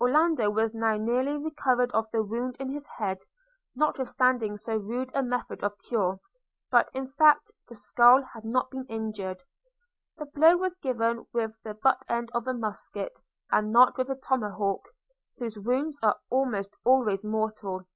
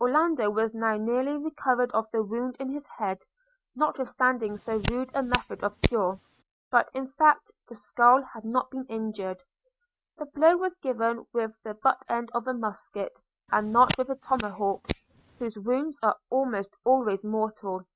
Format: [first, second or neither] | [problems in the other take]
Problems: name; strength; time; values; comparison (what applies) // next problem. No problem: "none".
first | noise reduction (neural mask model RNNoise)